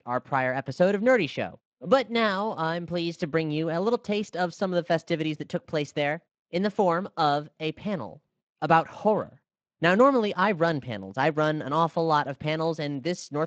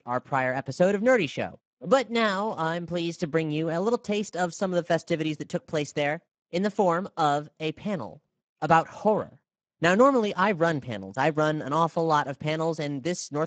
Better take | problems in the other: first | garbled, watery; badly; nothing above 7.5 kHz; slightly in the first

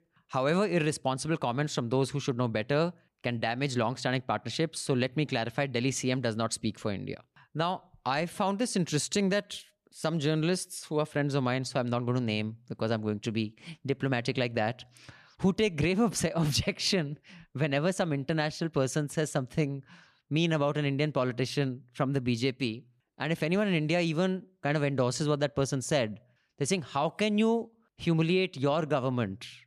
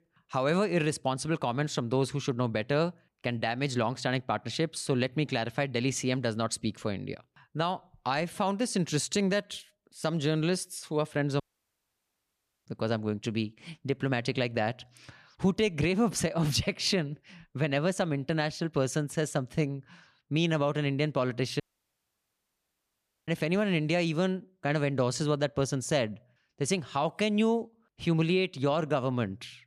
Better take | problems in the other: first | audio cutting out; at 11 s for 1.5 s and at 22 s for 1.5 s

